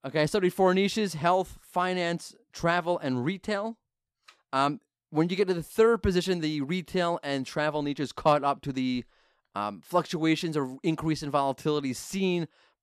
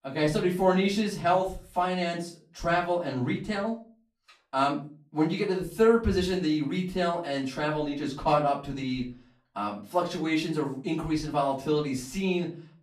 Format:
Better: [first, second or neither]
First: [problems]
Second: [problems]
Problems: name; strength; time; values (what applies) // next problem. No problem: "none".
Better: first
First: none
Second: off-mic speech; far // room echo; slight; dies away in 0.3 s